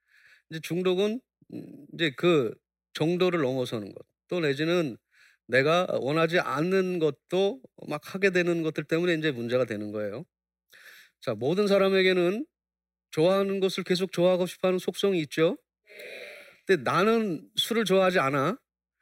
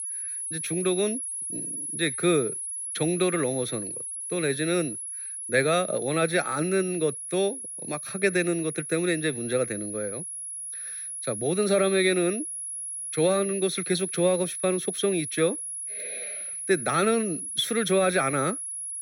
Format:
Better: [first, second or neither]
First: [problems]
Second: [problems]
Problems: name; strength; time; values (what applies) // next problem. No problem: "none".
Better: first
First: none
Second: high-pitched whine; loud; throughout; 10.5 kHz, 5 dB below the speech